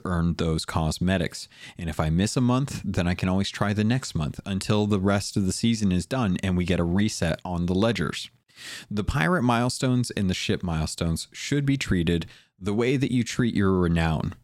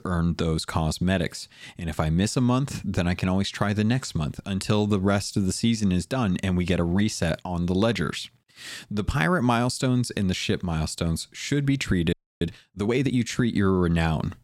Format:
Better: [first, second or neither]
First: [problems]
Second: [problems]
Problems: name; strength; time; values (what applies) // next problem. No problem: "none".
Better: first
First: none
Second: audio freezing; at 12 s